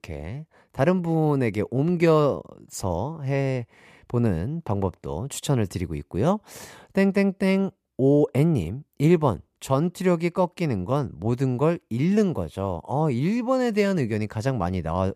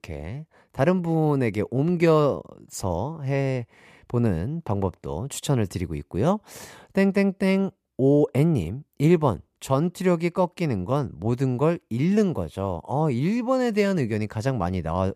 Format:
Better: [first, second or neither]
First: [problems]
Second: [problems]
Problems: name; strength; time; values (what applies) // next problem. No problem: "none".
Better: neither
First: none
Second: none